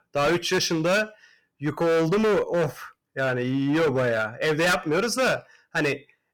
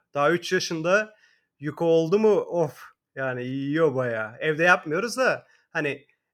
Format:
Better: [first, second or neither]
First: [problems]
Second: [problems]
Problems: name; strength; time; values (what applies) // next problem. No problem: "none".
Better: second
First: distortion; heavy; 18% of the sound clipped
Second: none